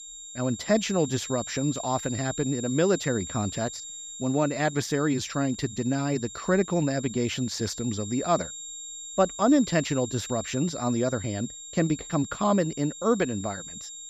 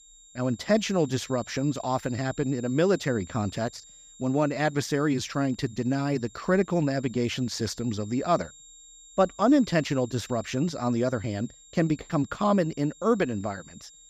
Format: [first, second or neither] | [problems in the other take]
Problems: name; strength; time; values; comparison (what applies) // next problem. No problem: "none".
second | high-pitched whine; loud; throughout; 7.5 kHz, 10 dB below the speech; faint in the second